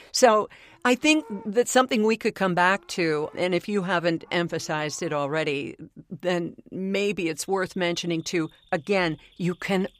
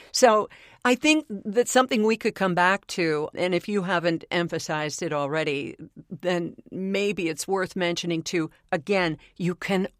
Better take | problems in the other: second | animal sounds; faint; throughout; 30 dB below the speech

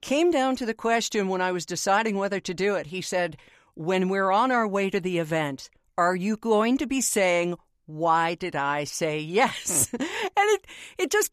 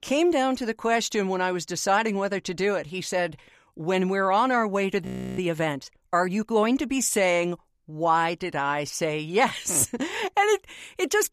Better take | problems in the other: first | audio freezing; at 5 s

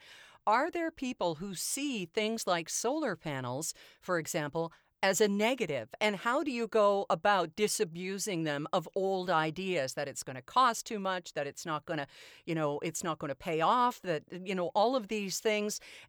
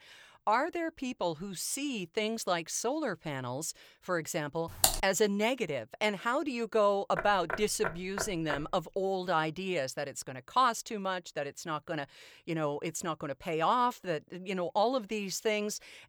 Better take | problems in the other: first | keyboard typing; loud; at 5 s; peak 5 dB above the speech // door banging; noticeable; from 7 to 8.5 s; peak 5 dB below the speech

